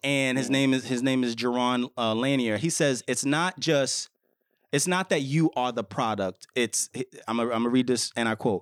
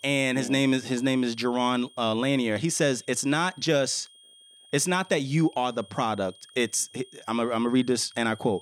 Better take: first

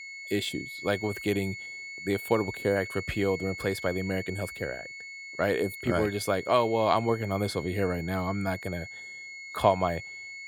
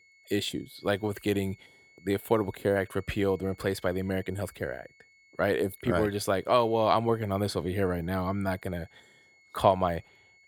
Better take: second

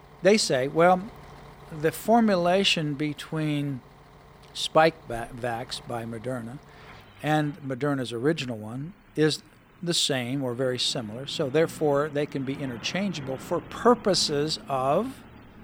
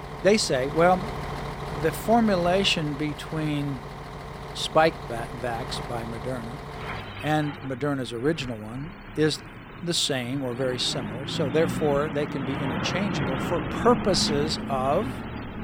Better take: first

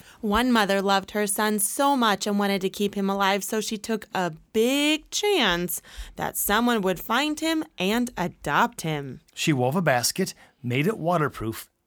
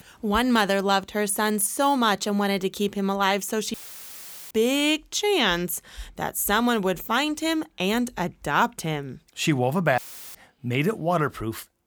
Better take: first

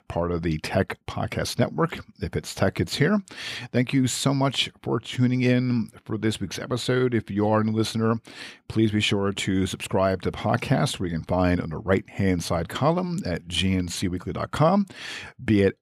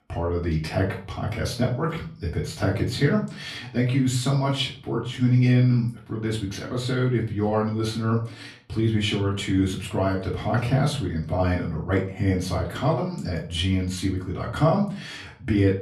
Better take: first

